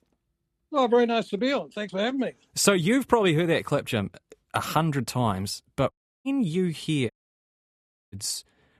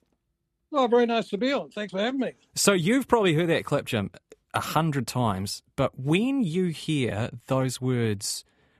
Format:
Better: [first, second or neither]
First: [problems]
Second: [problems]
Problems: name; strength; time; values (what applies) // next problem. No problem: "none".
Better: second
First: audio cutting out; at 6 s and at 7 s for 1 s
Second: none